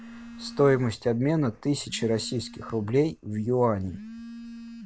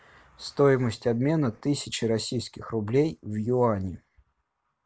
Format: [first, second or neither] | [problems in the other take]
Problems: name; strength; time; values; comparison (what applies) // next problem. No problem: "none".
second | background sound (Telephone); 17 dB below the speech